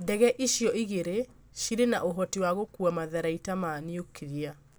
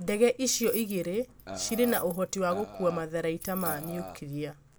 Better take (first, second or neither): first